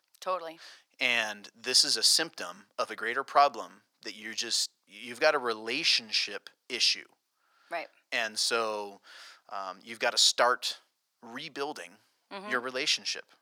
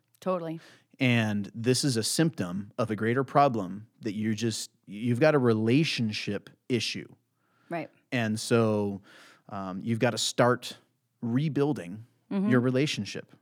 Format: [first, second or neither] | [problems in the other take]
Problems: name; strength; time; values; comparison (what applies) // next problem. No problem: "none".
second | thin; very; fading below 850 Hz